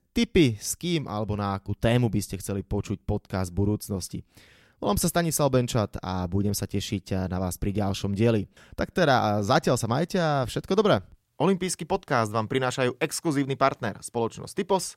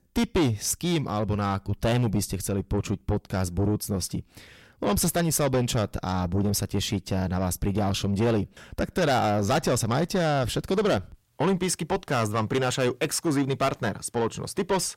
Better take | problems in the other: first | distortion; heavy; 8 dB below the speech

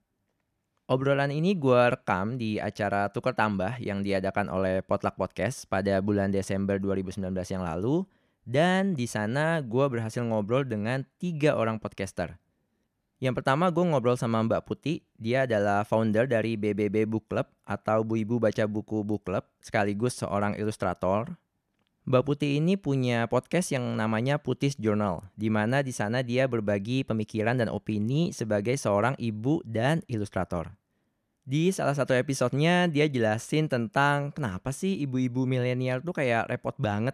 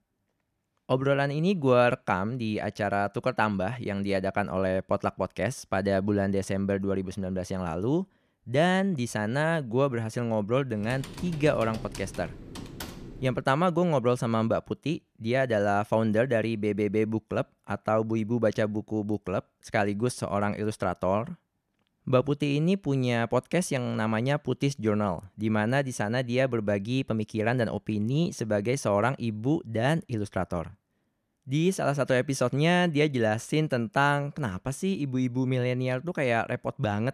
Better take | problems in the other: first | keyboard typing; faint; from 11 to 13 s; peak 10 dB below the speech

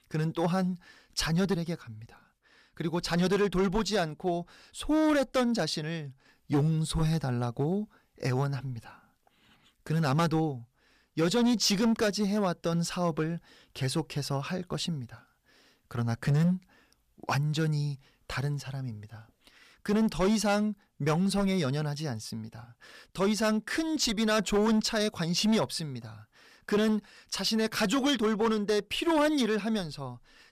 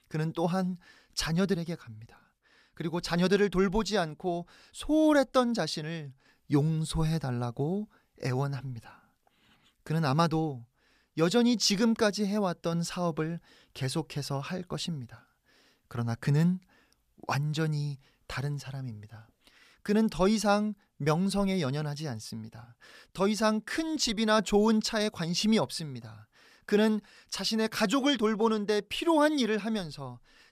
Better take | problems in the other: second | distortion; slight; 6% of the sound clipped

